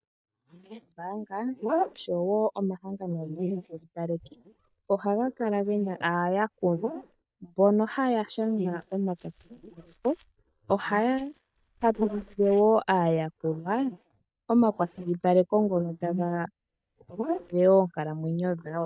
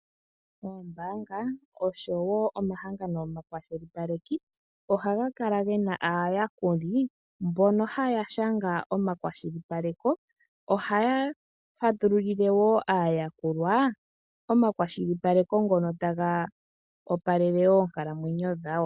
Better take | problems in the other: second | noise reduction (neural mask model DeepFilterNet 3)

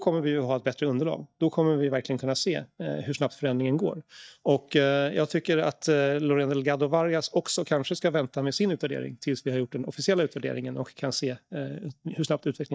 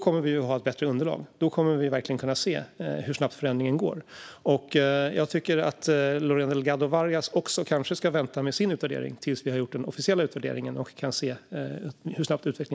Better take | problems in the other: second | noise reduction (neural mask model DeepFilterNet 3)

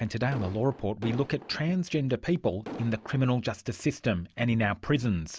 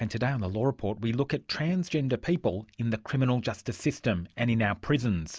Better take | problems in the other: second | background sound (Explosion); 13 dB below the speech

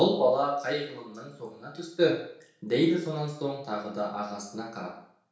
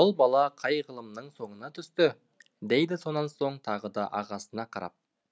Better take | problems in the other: second | room echo; dies away in 0.6 s

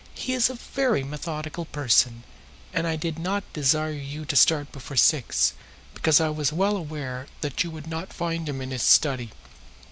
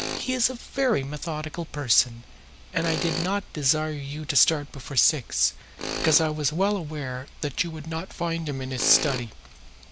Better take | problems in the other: first | background sound (Tools); 11 dB below the speech

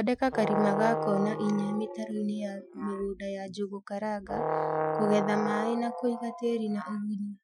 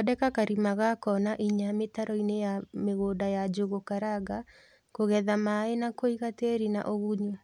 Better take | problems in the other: second | noise reduction (classical method Wiener filter)

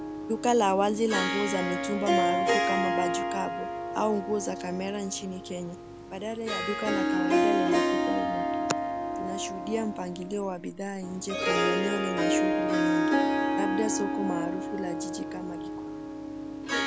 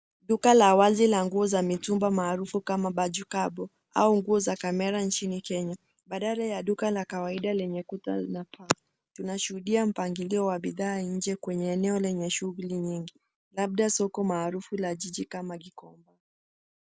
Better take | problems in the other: second | background sound (Harp); 3 dB above the speech

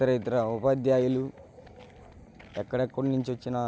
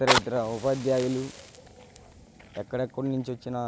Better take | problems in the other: first | background sound (Fire); 4 dB below the speech

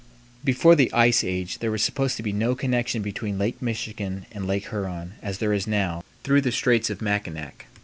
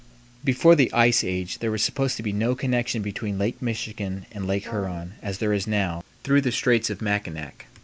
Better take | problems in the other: first | background sound (Brass instrument); 16 dB below the speech

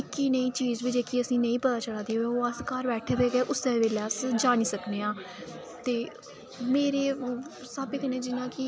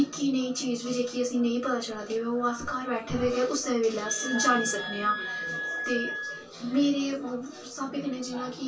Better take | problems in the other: first | background sound (Wind instrument, woodwind instrument); 6 dB below the speech // room echo; dies away in 0.1 s

